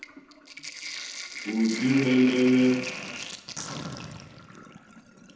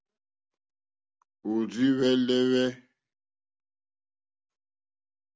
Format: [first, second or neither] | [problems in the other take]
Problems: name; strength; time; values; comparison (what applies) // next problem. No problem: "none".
second | background sound (Sink (filling or washing)); 10 dB below the speech // room echo; dies away in 1.1 s